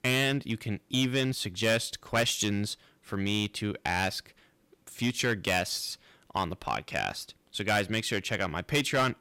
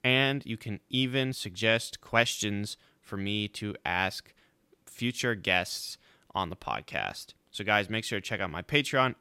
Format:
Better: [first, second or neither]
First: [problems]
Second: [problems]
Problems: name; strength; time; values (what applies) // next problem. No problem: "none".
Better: second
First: distortion; heavy; 4% of the sound clipped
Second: none